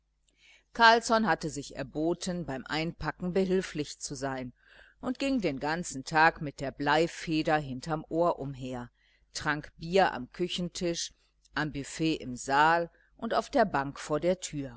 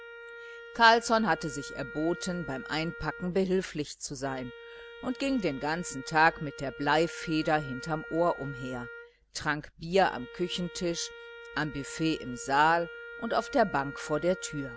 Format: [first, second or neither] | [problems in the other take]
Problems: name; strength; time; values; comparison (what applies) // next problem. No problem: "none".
first | background sound (Wind instrument, woodwind instrument); 15 dB below the speech